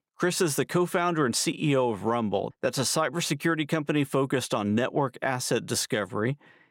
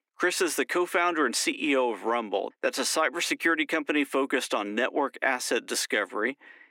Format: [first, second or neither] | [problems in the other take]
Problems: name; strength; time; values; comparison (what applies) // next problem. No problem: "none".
first | thin; very slightly; fading below 250 Hz